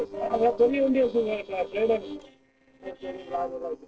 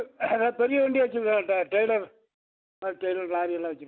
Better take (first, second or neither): second